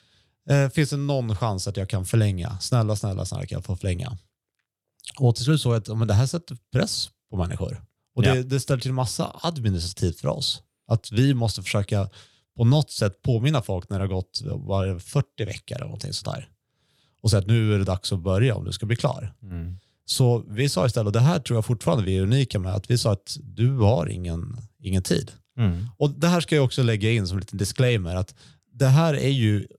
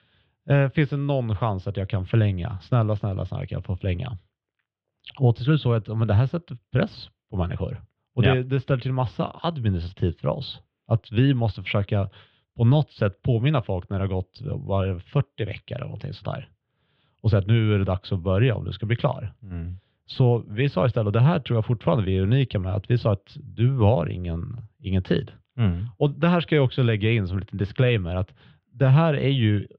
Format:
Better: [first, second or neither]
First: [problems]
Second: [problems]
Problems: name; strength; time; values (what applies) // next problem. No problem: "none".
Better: first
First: none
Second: muffled; very; fading above 3 kHz